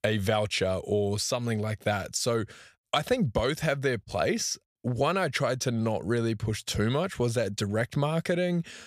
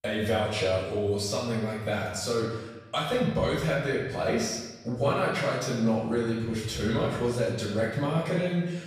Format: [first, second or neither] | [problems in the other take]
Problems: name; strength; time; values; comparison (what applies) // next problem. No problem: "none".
first | off-mic speech; far // room echo; noticeable; dies away in 1 s